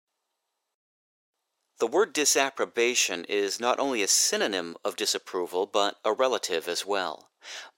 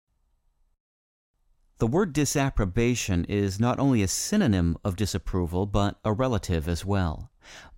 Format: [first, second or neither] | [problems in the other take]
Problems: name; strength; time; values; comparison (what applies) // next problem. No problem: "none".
second | thin; very; fading below 400 Hz